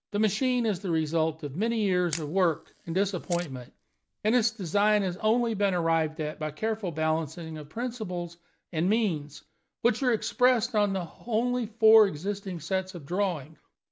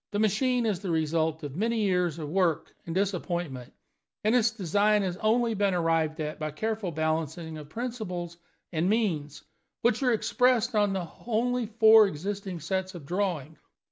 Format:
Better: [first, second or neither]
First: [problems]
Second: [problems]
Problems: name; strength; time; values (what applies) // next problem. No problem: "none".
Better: second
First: background sound (Camera); 18 dB below the speech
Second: none